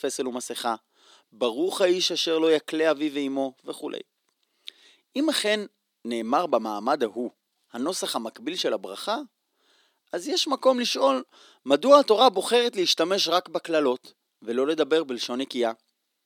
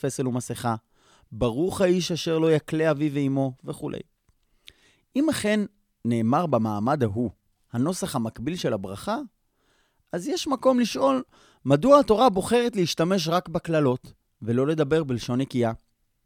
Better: second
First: thin; very slightly; fading below 300 Hz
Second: none

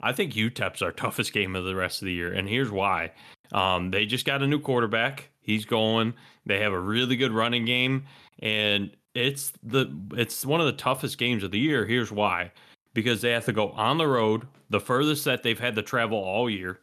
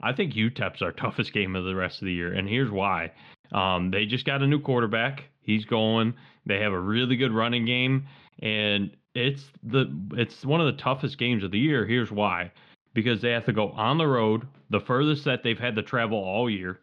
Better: first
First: none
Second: muffled; very slightly; fading above 4 kHz

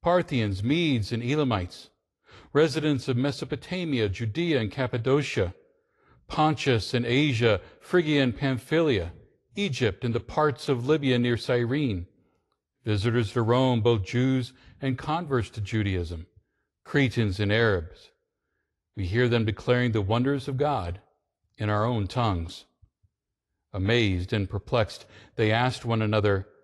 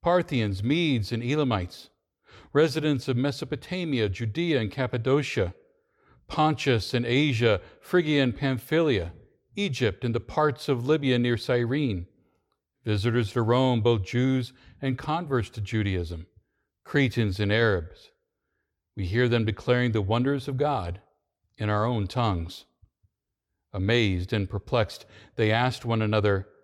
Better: second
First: garbled, watery; slightly; nothing above 11.5 kHz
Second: none

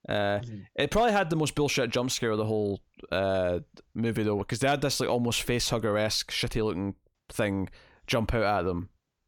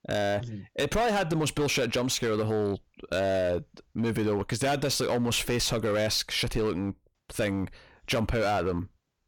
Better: first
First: none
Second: distortion; slight; 12% of the sound clipped

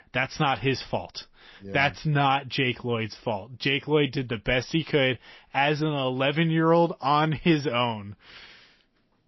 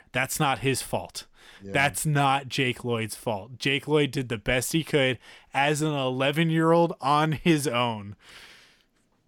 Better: second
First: garbled, watery; slightly; nothing above 5.5 kHz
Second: none

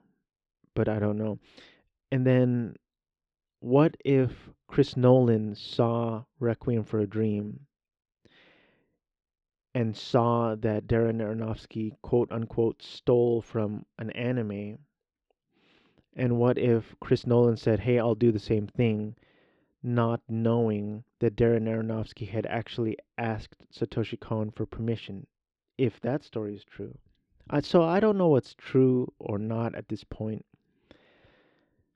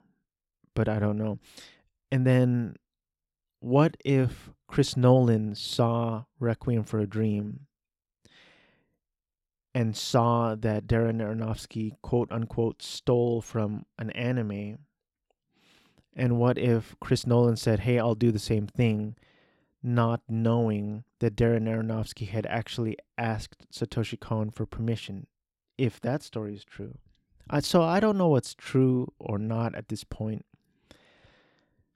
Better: second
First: muffled; slightly; fading above 3 kHz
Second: none

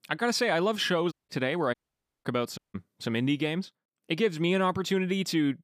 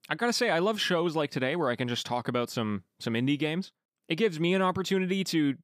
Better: second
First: audio cutting out; at 1 s, at 1.5 s for 0.5 s and at 2.5 s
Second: none

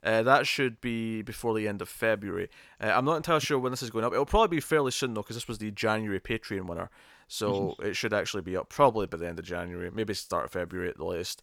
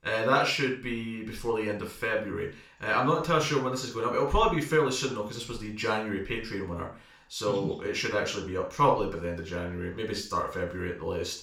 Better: first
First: none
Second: room echo; slight; dies away in 0.4 s // off-mic speech; far

